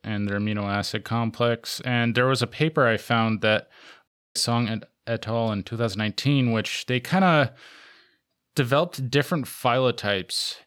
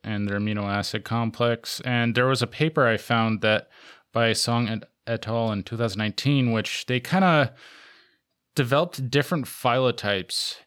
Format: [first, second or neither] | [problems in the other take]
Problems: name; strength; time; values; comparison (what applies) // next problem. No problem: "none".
second | audio cutting out; at 4 s